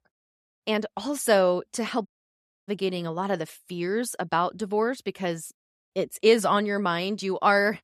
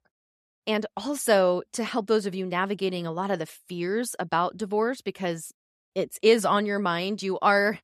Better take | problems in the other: second | audio cutting out; at 2 s for 0.5 s

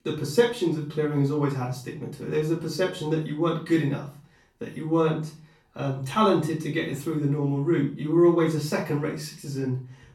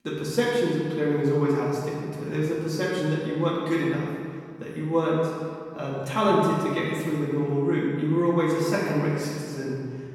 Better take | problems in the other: first | room echo; strong; dies away in 1.8 s; slight in the first // off-mic speech; far; far in the first

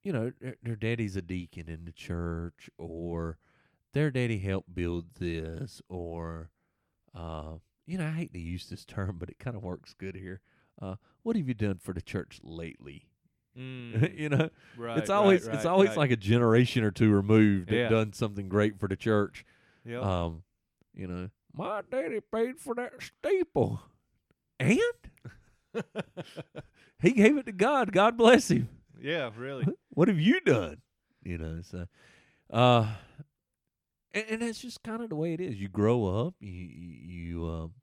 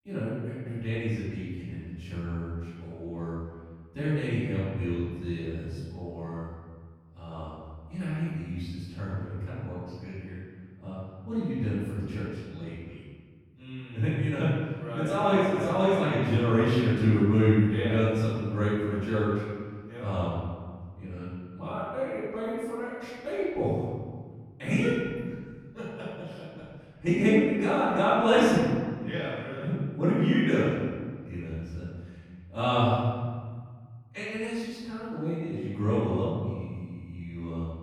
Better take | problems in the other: first | off-mic speech; far // room echo; strong; dies away in 1.7 s

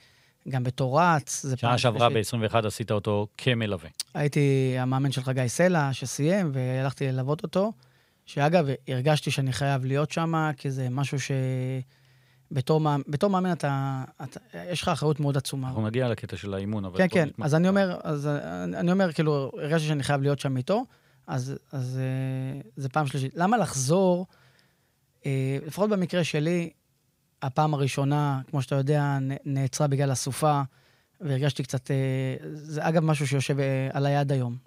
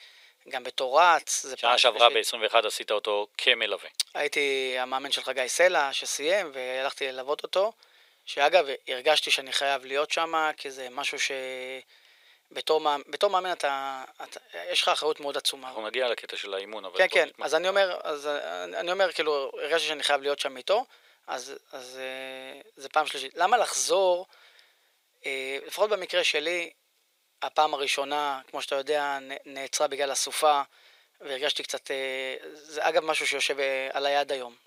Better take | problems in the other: first | thin; very; fading below 450 Hz

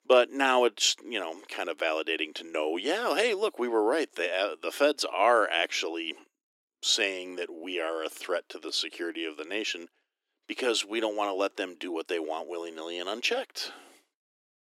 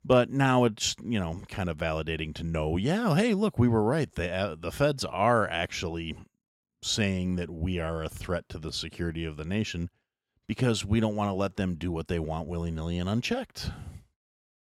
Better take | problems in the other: second | thin; very; fading below 300 Hz

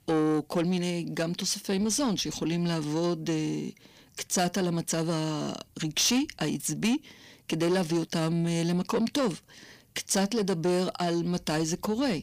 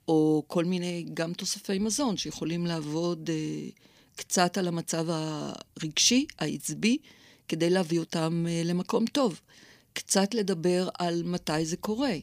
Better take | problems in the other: second | distortion; slight; 10 dB below the speech

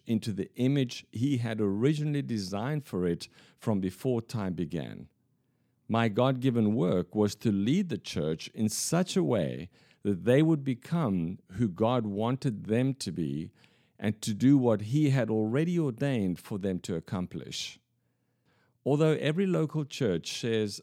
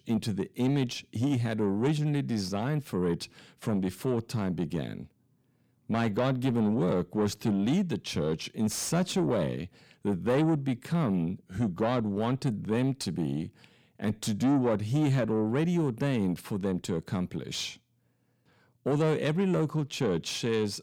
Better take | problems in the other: first | distortion; slight; 10 dB below the speech

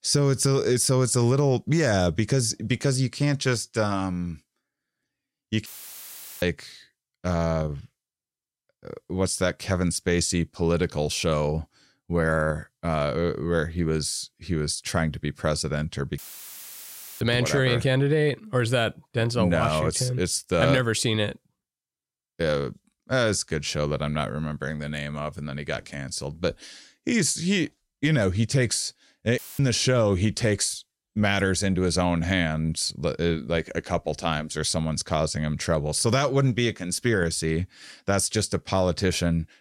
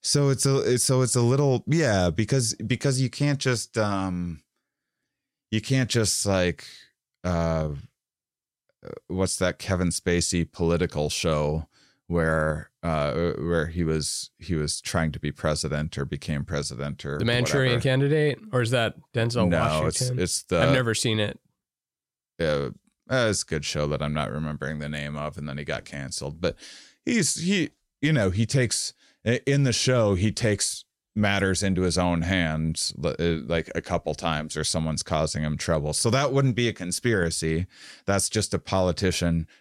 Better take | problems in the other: second | audio cutting out; filled with static; at 5.5 s for 1 s, at 16 s for 1 s and at 29 s

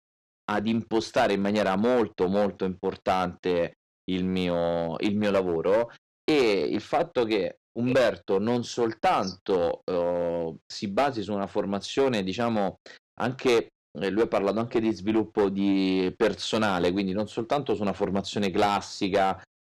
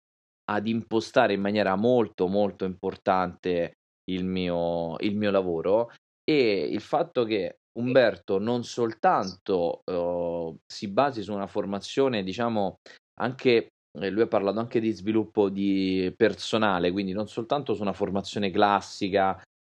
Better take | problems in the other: second | distortion; slight; 6% of the sound clipped

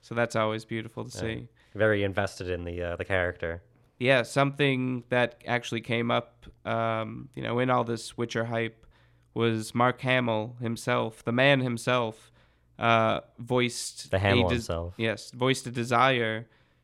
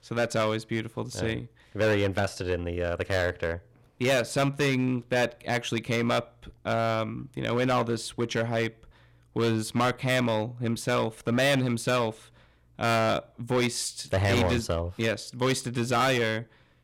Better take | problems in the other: first | distortion; heavy; 8% of the sound clipped

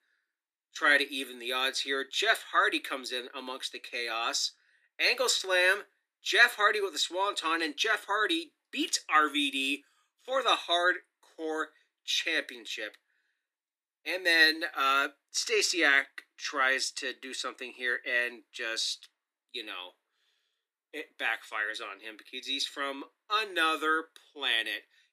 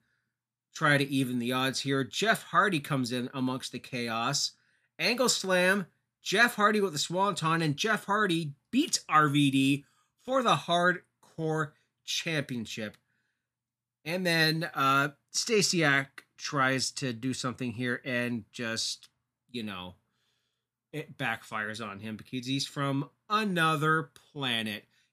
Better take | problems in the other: second | thin; somewhat; fading below 300 Hz

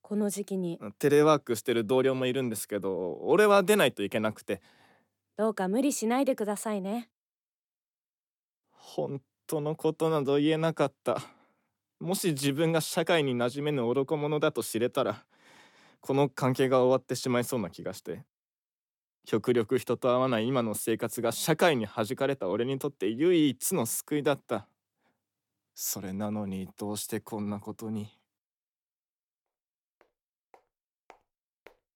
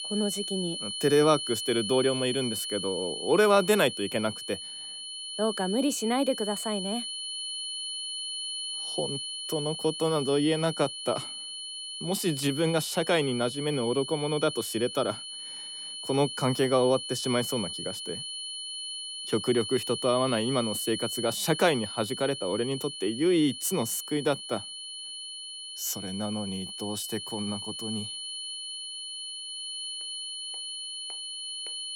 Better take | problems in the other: first | high-pitched whine; loud; throughout; 3 kHz, 6 dB below the speech

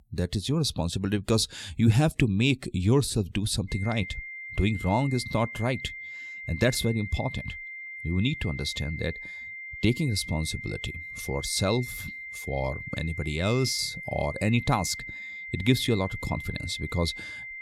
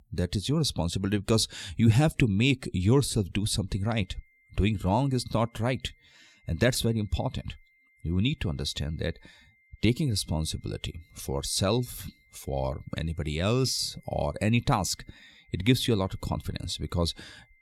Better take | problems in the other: second | high-pitched whine; loud; from 3.5 s on; 2 kHz, 9 dB below the speech; faint in the second

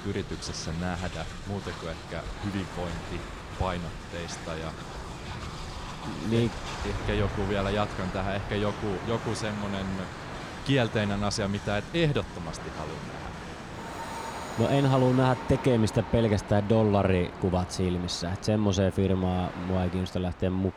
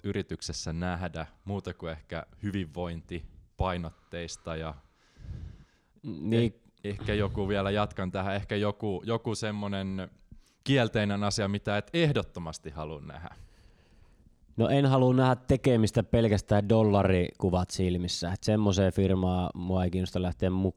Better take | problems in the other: second | train or aircraft noise; loud; throughout; 10 dB below the speech

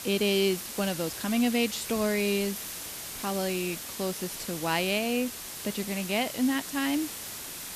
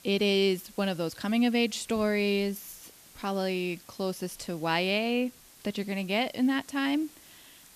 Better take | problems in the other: second | hiss; loud; throughout; 7 dB below the speech; faint in the second

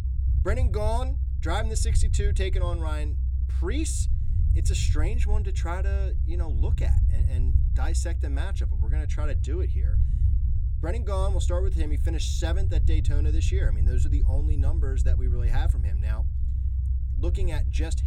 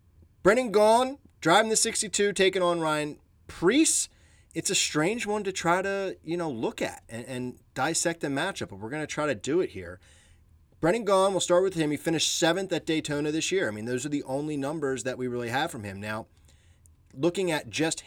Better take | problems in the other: second | low rumble; loud; throughout; 8 dB below the speech

